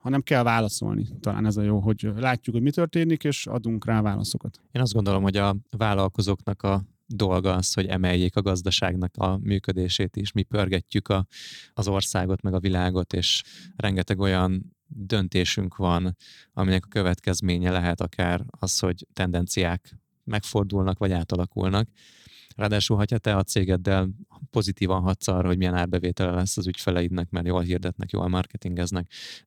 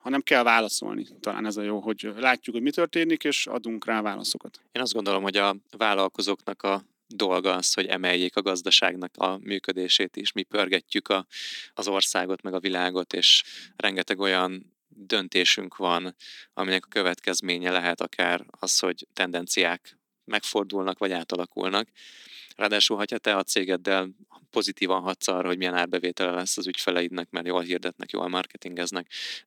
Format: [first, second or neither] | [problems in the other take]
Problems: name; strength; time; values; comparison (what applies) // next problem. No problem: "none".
first | thin; somewhat; fading below 250 Hz